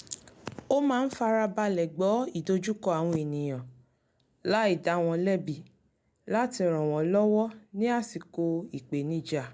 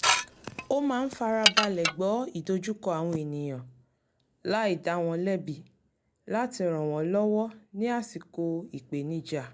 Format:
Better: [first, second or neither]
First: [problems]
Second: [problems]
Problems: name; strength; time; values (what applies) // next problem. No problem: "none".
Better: first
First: none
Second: background sound (Dishes, pots, and pans / Glass); 1 dB above the speech